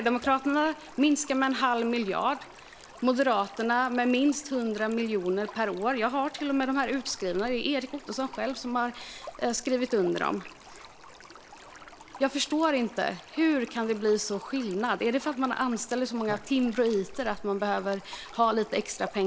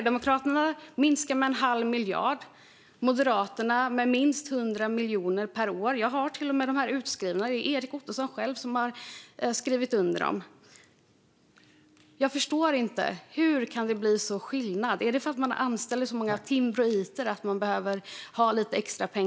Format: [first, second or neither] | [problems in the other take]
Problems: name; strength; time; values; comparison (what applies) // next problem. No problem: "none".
second | background sound (Stream); 19 dB below the speech